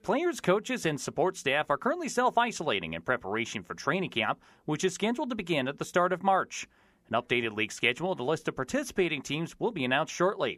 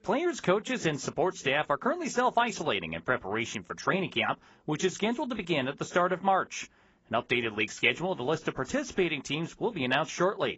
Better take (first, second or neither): first